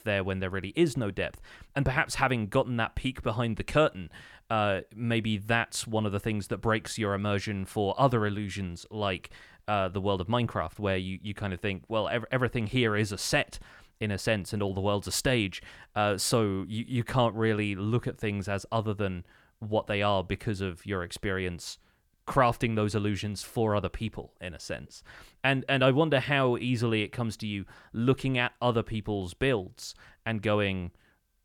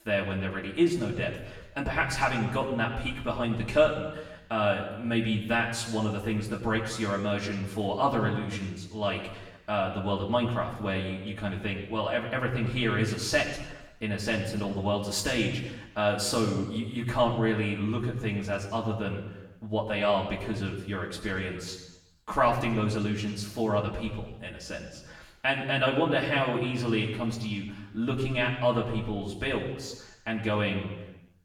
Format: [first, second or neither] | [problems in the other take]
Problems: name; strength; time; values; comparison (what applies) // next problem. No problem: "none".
first | room echo; noticeable; dies away in 1 s // off-mic speech; far